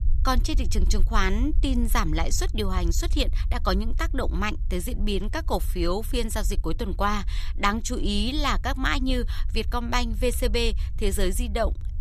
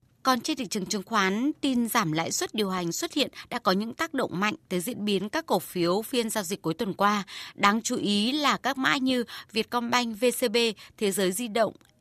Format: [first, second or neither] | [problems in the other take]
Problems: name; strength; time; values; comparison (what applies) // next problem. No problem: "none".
second | low rumble; faint; throughout; 25 dB below the speech